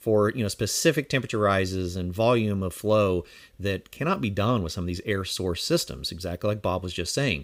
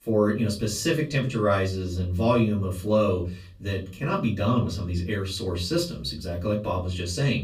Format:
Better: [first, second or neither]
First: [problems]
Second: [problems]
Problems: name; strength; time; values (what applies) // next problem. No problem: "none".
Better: first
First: none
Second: off-mic speech; far // room echo; very slight; dies away in 0.5 s